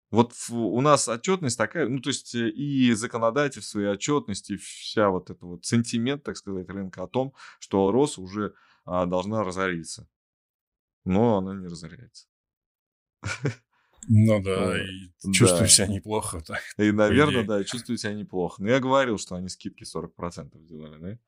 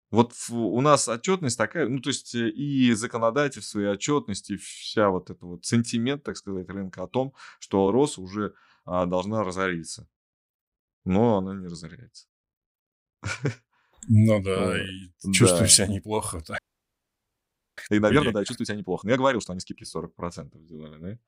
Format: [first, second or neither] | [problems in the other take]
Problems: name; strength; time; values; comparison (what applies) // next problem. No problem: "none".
first | audio freezing; at 17 s for 1 s